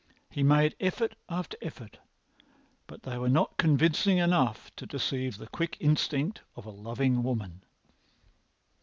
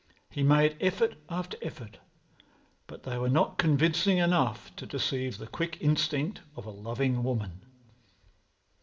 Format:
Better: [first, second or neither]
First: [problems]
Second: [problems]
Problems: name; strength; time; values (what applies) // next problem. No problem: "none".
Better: first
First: none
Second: room echo; dies away in 0.4 s